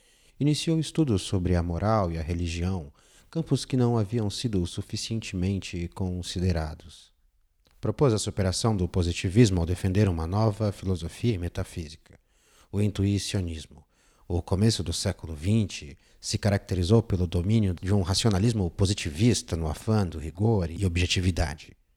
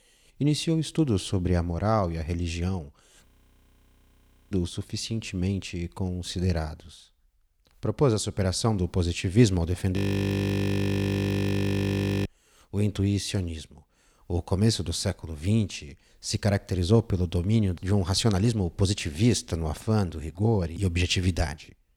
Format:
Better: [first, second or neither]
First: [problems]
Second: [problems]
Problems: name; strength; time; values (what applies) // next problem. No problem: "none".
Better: first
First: none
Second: audio freezing; at 3.5 s for 1 s and at 10 s for 2.5 s